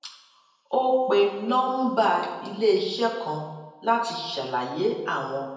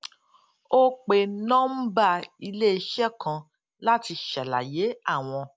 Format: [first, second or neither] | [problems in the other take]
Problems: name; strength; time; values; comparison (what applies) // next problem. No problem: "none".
second | room echo; dies away in 0.9 s